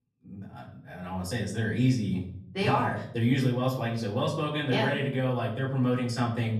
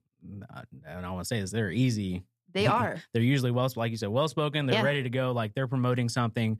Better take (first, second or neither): second